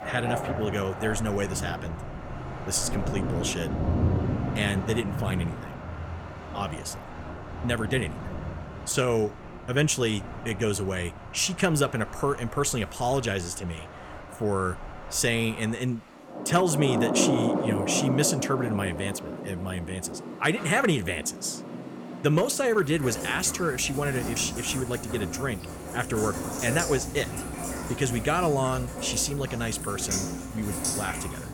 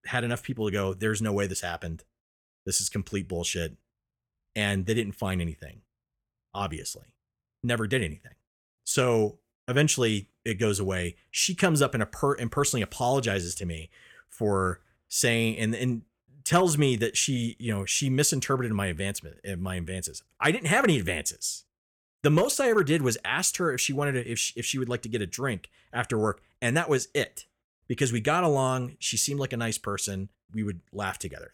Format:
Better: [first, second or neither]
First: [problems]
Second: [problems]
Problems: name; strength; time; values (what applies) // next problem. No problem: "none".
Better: second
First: rain or running water; loud; throughout; 6 dB below the speech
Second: none